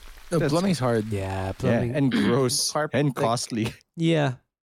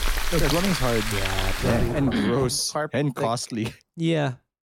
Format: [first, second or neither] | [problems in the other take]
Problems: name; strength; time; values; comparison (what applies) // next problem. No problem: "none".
first | household noises; loud; until 2 s; 3 dB below the speech; faint in the first